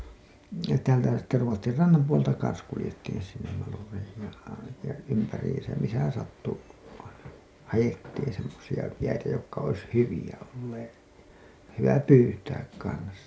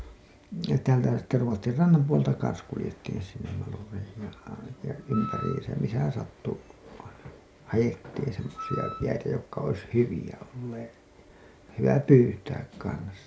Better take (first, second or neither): first